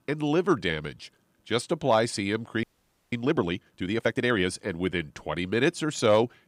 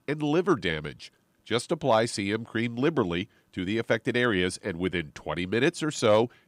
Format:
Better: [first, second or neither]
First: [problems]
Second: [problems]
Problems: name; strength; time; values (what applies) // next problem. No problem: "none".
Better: second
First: audio freezing; at 2.5 s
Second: none